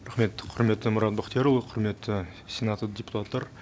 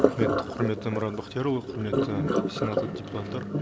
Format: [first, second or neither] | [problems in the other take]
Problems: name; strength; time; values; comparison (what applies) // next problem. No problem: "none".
first | background sound (Sink (filling or washing)); 3 dB above the speech